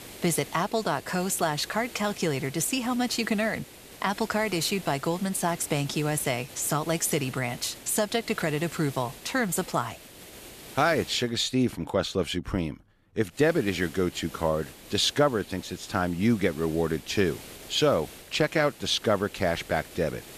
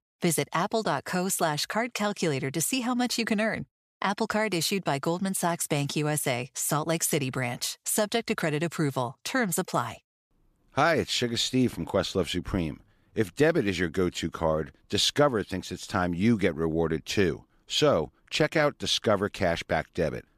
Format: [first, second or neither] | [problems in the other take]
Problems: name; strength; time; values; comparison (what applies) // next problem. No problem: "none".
second | hiss; noticeable; until 11 s and from 13 s on; 15 dB below the speech